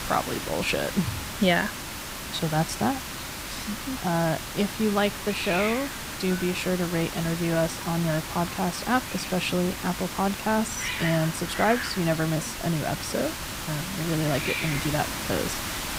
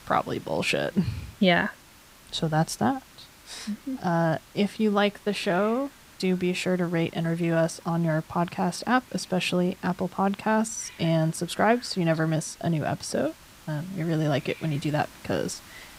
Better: second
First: hiss; loud; throughout; 5 dB below the speech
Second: hiss; faint; throughout; 20 dB below the speech

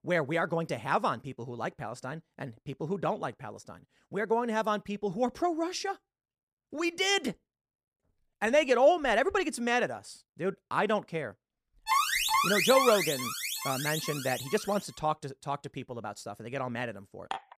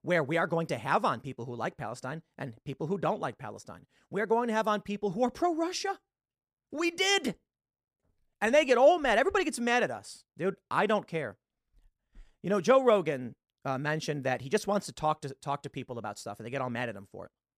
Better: second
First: alarm; loud; from 12 to 15 s; peak 5 dB above the speech // clattering dishes; faint; at 17 s; peak 10 dB below the speech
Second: none

